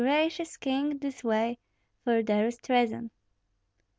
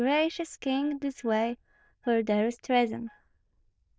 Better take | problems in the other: first | noise reduction (neural diffusion model UNIVERSE++)

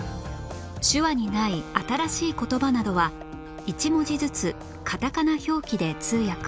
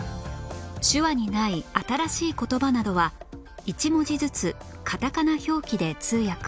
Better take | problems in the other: second | background sound (Wind instrument, woodwind instrument); 15 dB below the speech

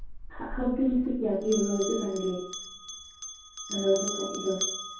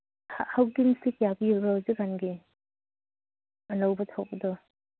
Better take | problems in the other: second | background sound (Bell); 8 dB below the speech // room echo; dies away in 0.6 s

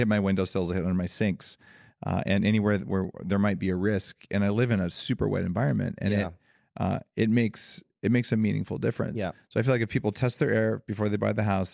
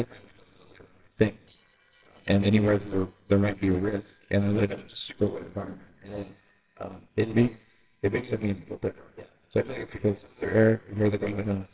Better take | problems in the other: first | noise reduction (neural separator model SepFormer WHAMR!)

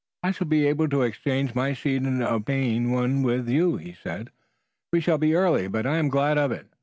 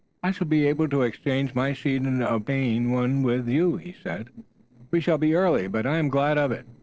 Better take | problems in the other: first | noise reduction (neural separator model SepFormer DNS4)

